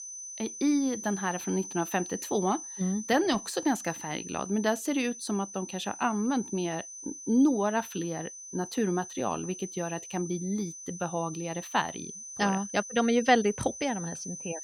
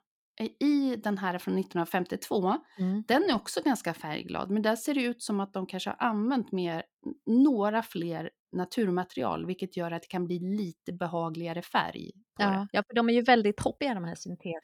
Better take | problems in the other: second | high-pitched whine; noticeable; throughout; 6 kHz, 10 dB below the speech

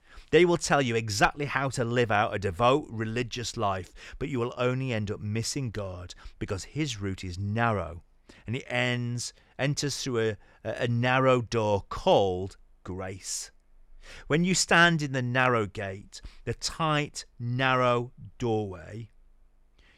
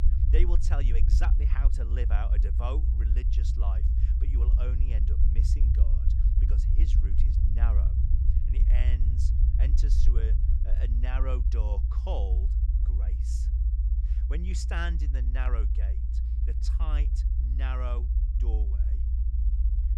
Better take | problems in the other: first | low rumble; loud; throughout; 5 dB below the speech

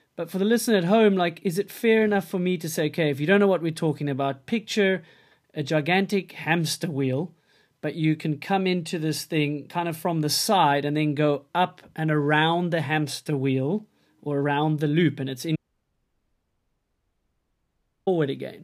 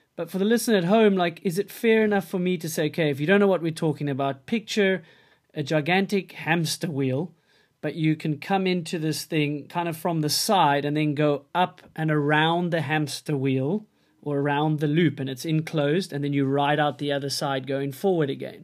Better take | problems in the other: second | audio cutting out; at 16 s for 2.5 s

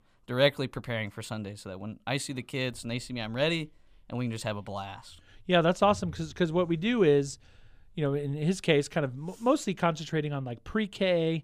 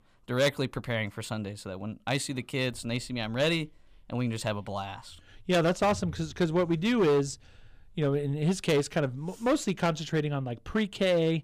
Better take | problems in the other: first | distortion; slight; 5% of the sound clipped

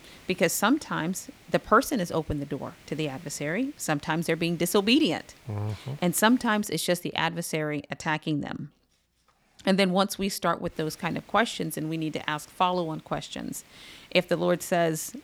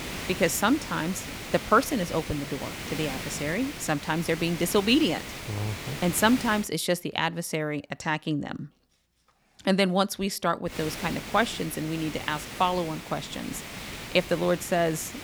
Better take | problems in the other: first | hiss; loud; until 6.5 s and from 11 s on; 10 dB below the speech; faint in the first

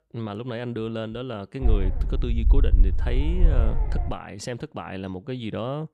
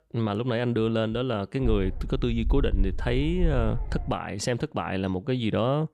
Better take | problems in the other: second | low rumble; loud; from 1.5 to 4 s; 9 dB below the speech; faint in the second

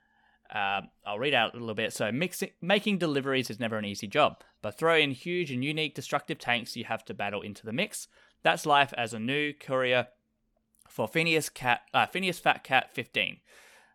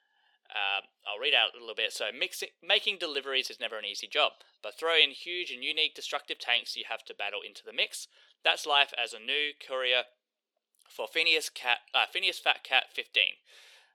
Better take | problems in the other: first | thin; very; fading below 400 Hz

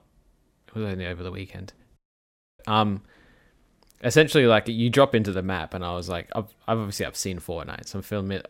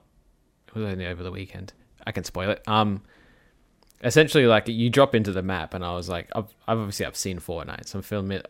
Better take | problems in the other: second | audio cutting out; at 2 s for 0.5 s

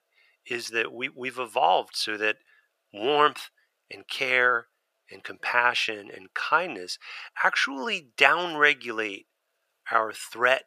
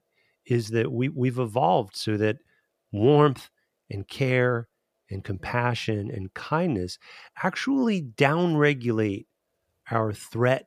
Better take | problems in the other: second | thin; very; fading below 650 Hz

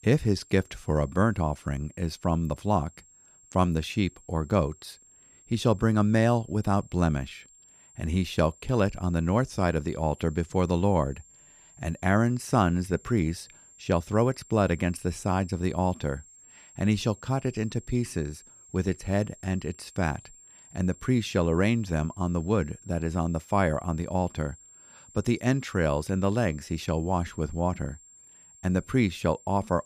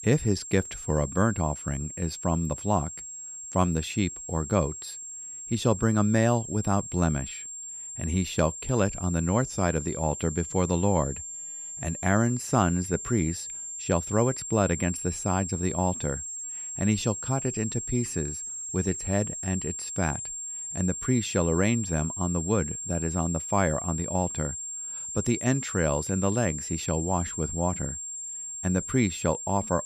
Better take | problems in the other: first | high-pitched whine; loud; throughout; 7.5 kHz, 6 dB below the speech; faint in the first

